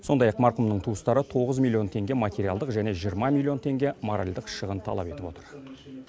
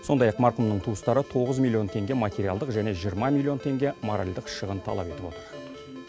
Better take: first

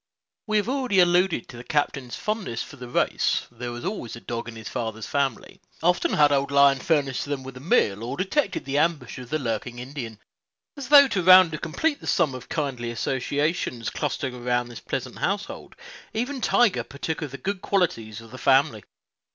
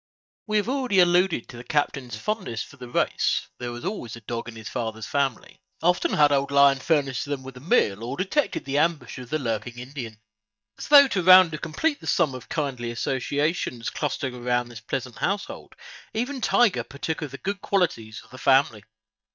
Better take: first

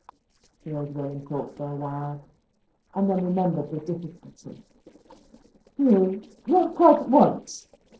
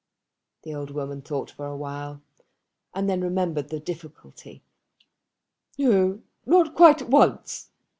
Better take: second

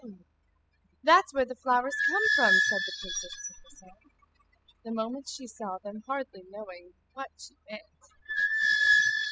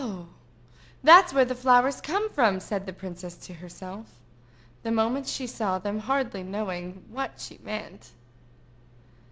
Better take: second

